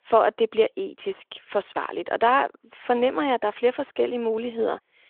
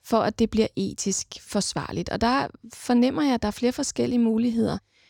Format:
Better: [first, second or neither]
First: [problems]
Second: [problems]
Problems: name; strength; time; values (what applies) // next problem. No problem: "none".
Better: second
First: phone-call audio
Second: none